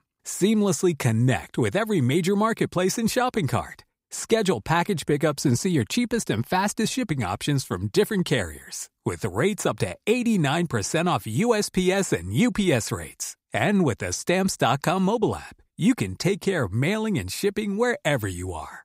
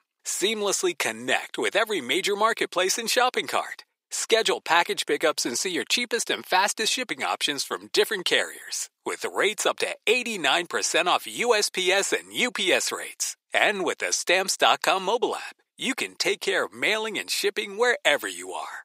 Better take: first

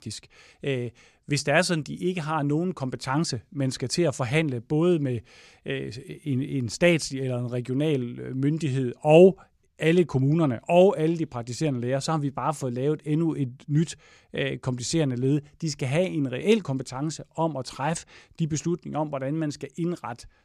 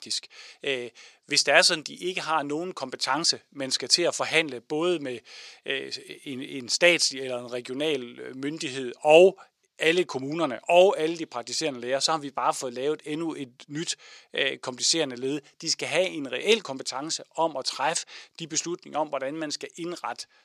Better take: first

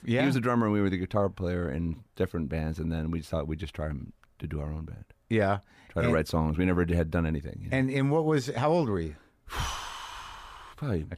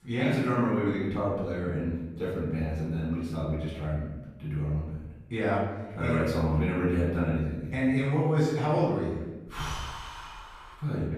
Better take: first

